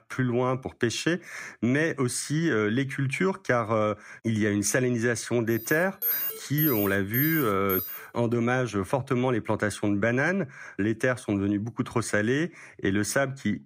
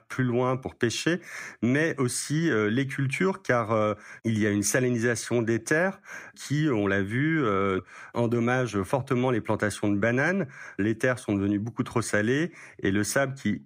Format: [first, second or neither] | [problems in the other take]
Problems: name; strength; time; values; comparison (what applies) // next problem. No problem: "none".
second | alarm; loud; from 5.5 to 8 s; peak 1 dB above the speech